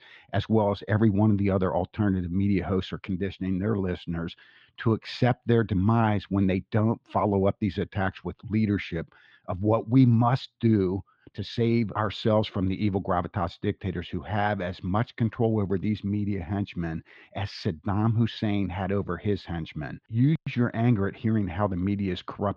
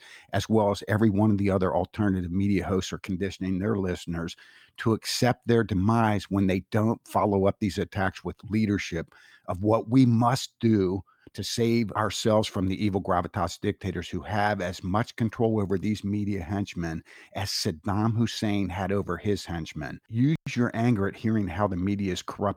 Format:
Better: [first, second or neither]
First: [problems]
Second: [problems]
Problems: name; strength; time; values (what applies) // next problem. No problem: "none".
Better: second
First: muffled; slightly; fading above 3.5 kHz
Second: none